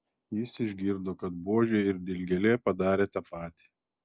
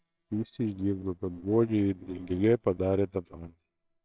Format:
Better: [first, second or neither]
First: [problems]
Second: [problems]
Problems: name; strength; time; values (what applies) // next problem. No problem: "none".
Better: first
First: none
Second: noise reduction (neural separator model SepFormer WHAMR!)